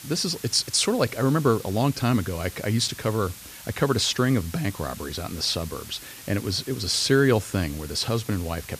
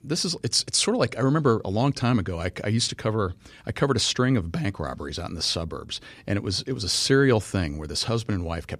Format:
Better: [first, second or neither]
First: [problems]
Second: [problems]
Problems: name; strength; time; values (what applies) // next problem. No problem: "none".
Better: second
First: hiss; noticeable; throughout; 15 dB below the speech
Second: none